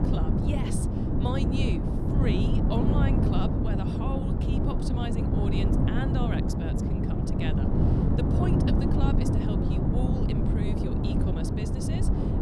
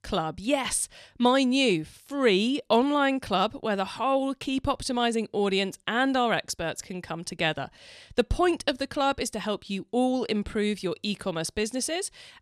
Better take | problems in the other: second | wind noise on the microphone; heavy; 4 dB above the speech

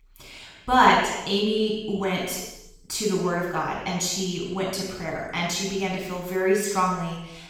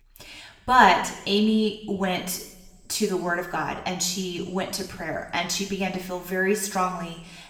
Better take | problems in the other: second | room echo; strong; dies away in 0.9 s; slight in the second // off-mic speech; far; somewhat distant in the second

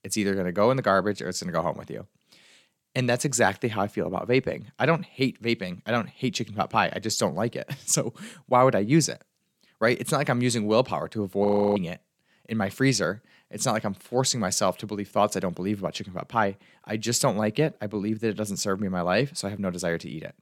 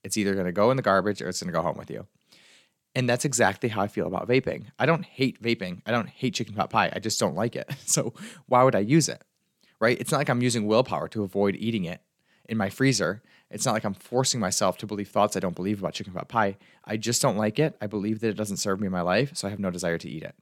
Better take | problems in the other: second | audio freezing; at 11 s

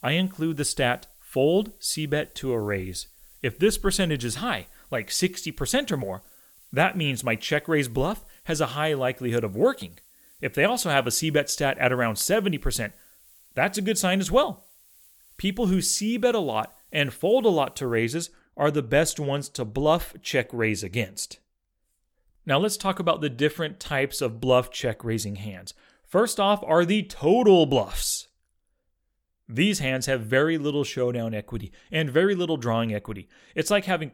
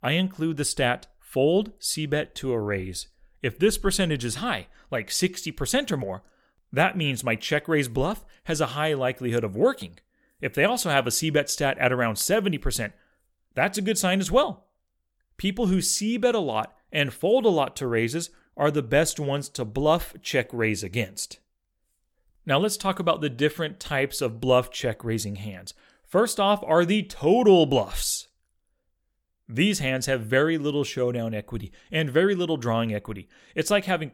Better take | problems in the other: second | hiss; faint; until 18 s; 25 dB below the speech

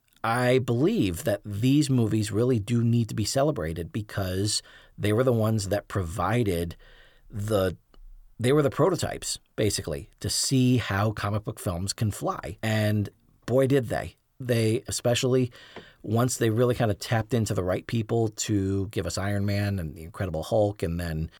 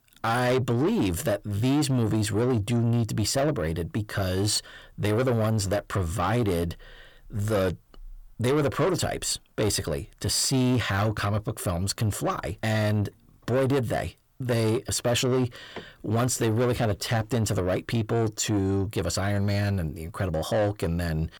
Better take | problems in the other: first | distortion; slight; 10 dB below the speech

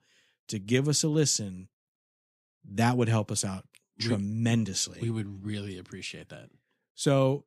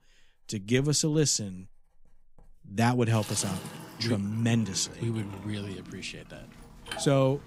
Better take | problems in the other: first | household noises; noticeable; throughout; 15 dB below the speech

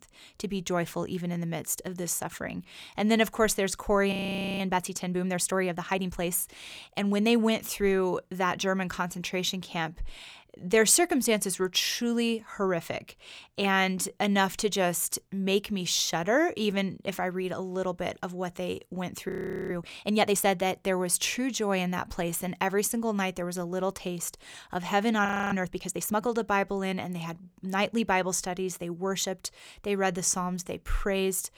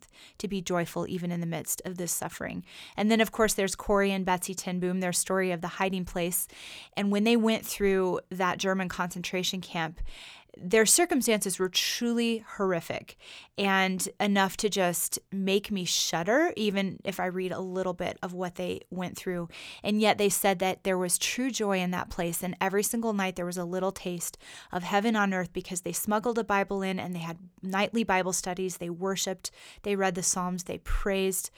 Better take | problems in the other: second | audio freezing; at 4 s, at 19 s and at 25 s

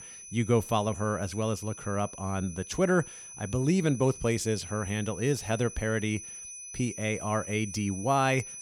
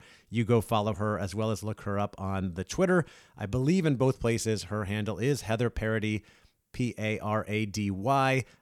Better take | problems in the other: second | high-pitched whine; noticeable; throughout; 6 kHz, 10 dB below the speech

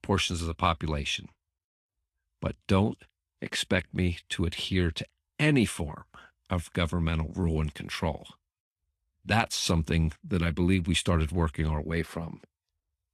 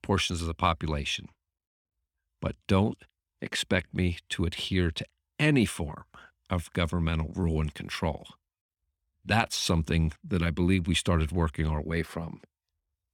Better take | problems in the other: second | garbled, watery; slightly; nothing above 12.5 kHz

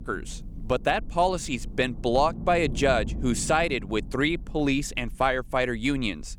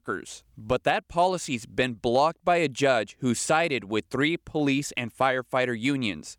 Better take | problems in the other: second | low rumble; faint; throughout; 20 dB below the speech

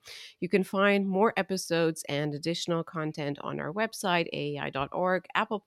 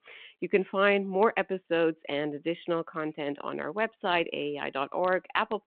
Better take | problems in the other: first | phone-call audio

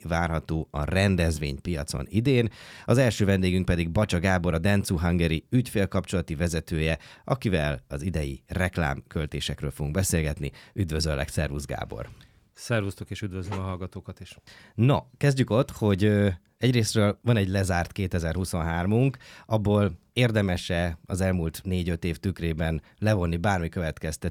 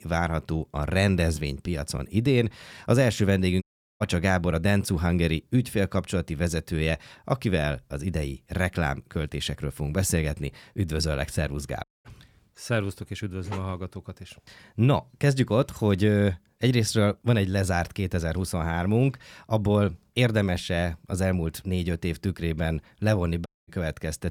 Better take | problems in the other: first | audio cutting out; at 3.5 s, at 12 s and at 23 s

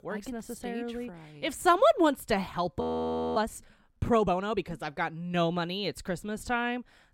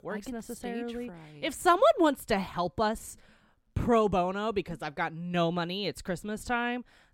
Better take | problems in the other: second | audio freezing; at 3 s for 0.5 s

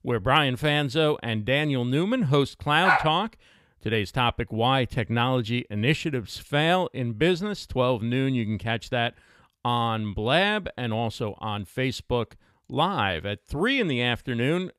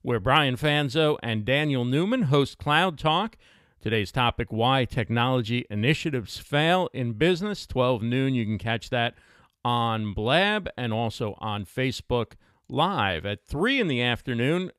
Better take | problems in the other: second | dog barking; loud; at 3 s; peak 3 dB above the speech

